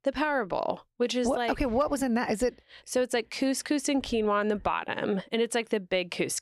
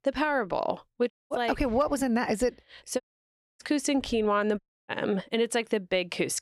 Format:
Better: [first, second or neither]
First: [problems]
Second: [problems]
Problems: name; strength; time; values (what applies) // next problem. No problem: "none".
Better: first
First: none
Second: audio cutting out; at 1 s, at 3 s for 0.5 s and at 4.5 s